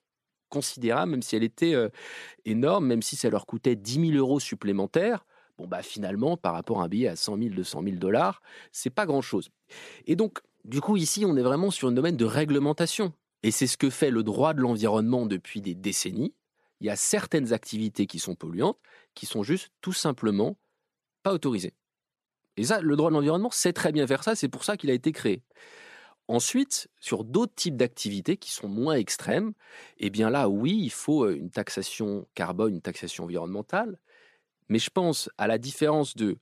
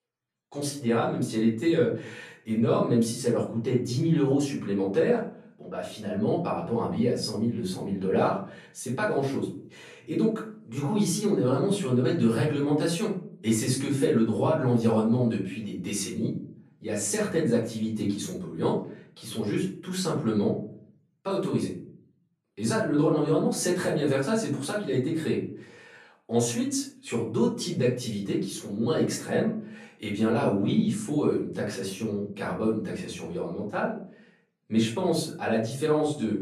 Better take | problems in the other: first | off-mic speech; far // room echo; slight; dies away in 0.5 s

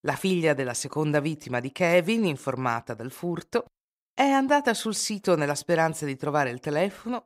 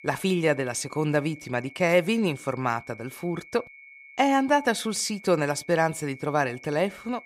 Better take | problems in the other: first | high-pitched whine; faint; throughout; 2 kHz, 20 dB below the speech

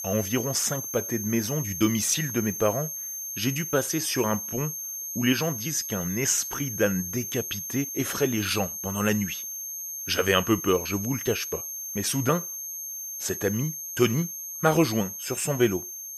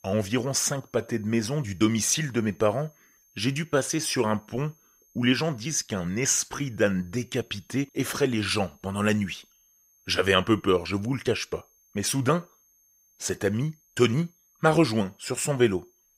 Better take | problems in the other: second | high-pitched whine; loud; throughout; 6.5 kHz, 5 dB below the speech; faint in the second

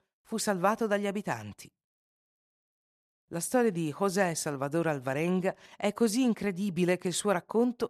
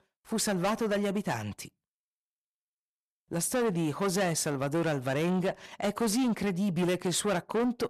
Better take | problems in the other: first | distortion; heavy; 7 dB below the speech

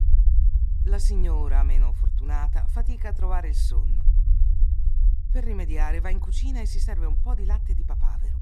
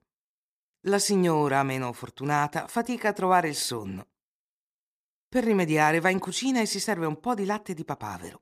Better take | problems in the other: second | low rumble; loud; throughout; 8 dB below the speech

